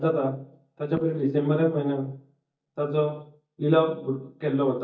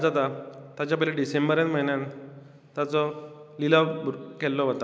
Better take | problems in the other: second | noise reduction (neural mask model DeepFilterNet 3)

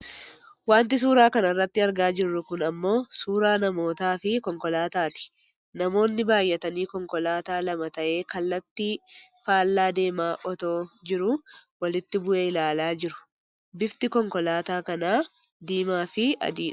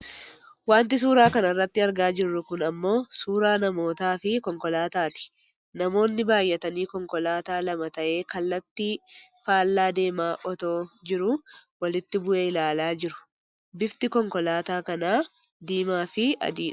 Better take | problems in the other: first | background sound (Snare drum); 13 dB below the speech

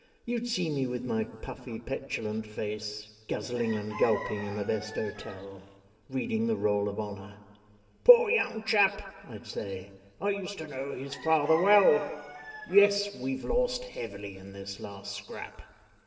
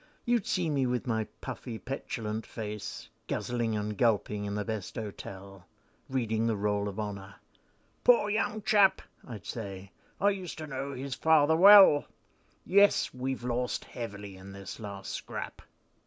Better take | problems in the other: second | background sound (Chicken, rooster); 13 dB below the speech // room echo; dies away in 1.6 s

